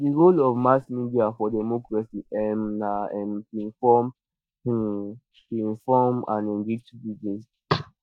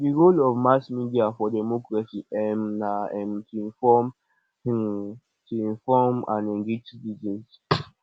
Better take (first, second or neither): second